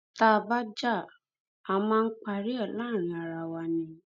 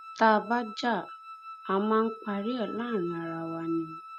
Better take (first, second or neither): first